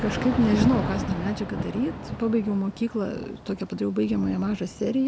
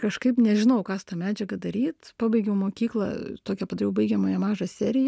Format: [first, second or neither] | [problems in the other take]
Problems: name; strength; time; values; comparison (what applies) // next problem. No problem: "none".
second | background sound (Thunder / Rain); 6 dB below the speech